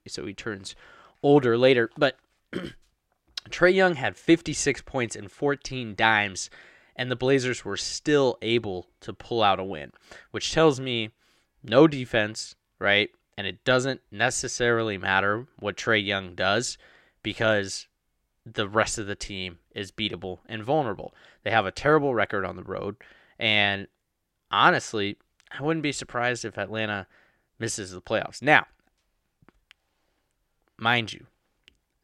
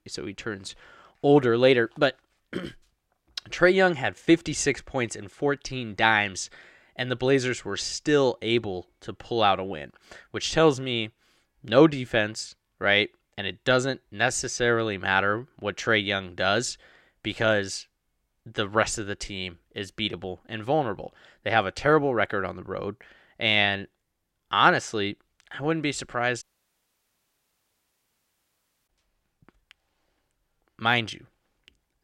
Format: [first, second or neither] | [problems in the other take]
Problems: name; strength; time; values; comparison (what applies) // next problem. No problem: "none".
first | audio cutting out; at 26 s for 2.5 s